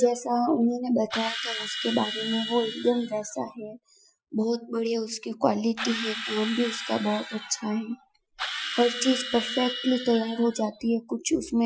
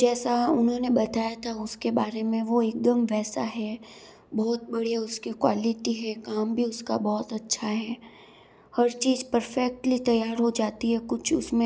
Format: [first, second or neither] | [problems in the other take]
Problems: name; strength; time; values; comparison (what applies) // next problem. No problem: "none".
second | noise reduction (classical method Wiener filter)